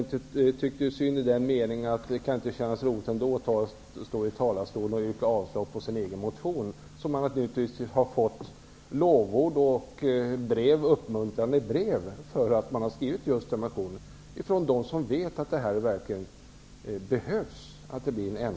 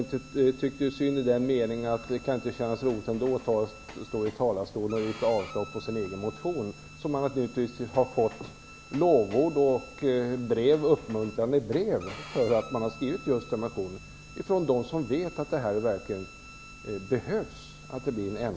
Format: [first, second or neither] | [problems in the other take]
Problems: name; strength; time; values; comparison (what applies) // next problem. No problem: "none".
first | background sound (Bowed string instrument + Train); 20 dB below the speech